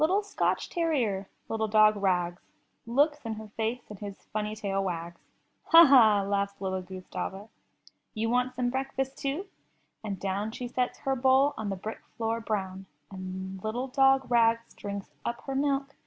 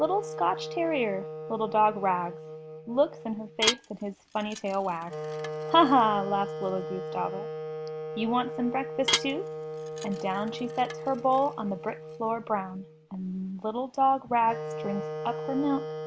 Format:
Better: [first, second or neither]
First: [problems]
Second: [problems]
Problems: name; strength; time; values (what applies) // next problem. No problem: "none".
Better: first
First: none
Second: background sound (Wind instrument, woodwind instrument + Dishes, pots, and pans / Glass); 7 dB below the speech